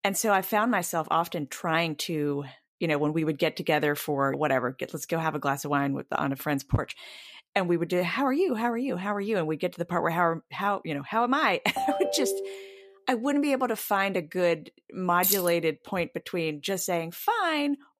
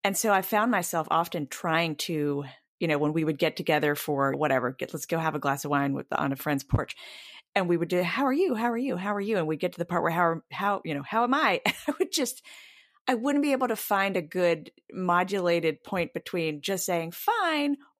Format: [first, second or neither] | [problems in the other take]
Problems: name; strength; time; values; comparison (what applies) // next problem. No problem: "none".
second | phone ringing; noticeable; at 12 s; peak 2 dB below the speech // jangling keys; loud; at 15 s; peak 2 dB above the speech